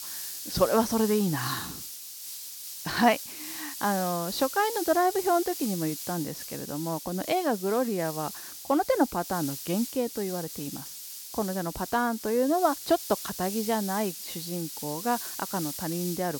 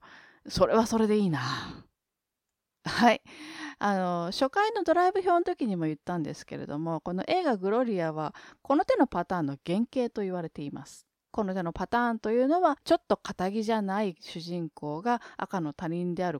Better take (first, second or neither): second